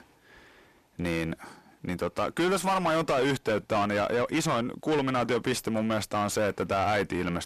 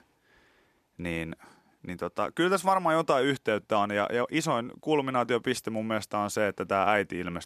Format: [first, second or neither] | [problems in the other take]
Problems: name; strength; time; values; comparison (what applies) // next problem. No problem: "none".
second | distortion; heavy; 6 dB below the speech